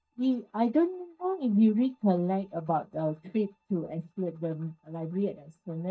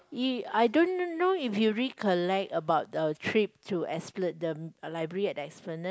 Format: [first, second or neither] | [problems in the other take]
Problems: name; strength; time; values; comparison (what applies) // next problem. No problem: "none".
second | noise reduction (neural mask model DeepFilterNet 3)